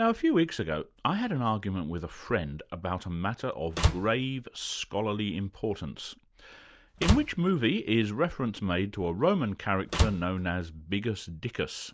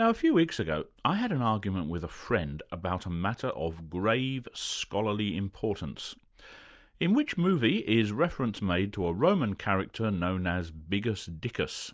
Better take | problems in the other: second | background sound (Slam); 1 dB below the speech

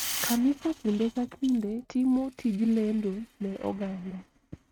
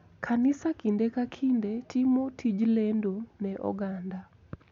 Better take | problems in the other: second | noise reduction (neural mask model RNNoise)

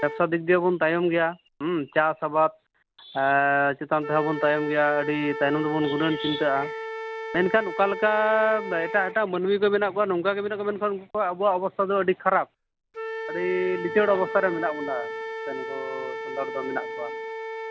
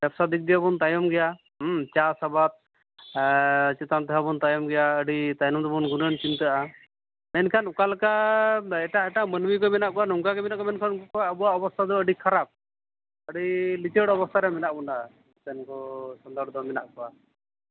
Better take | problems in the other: second | background sound (Wind instrument, woodwind instrument); 10 dB below the speech

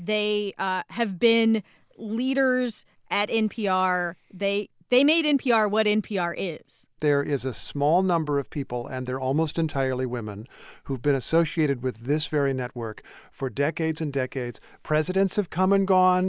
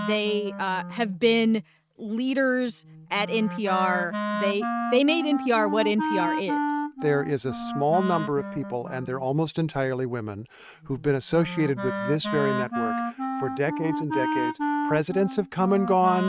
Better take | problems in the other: first | noise reduction (neural mask model RNNoise)

